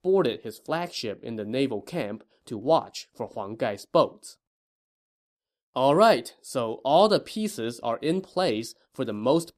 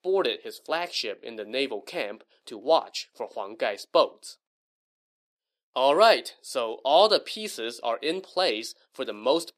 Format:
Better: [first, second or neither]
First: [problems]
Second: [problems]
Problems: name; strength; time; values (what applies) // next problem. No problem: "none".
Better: first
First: none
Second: thin; somewhat; fading below 450 Hz